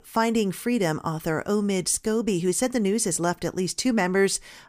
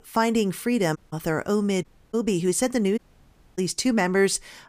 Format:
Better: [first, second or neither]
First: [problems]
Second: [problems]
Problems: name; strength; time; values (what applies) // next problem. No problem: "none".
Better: first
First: none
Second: audio cutting out; at 1 s, at 2 s and at 3 s for 0.5 s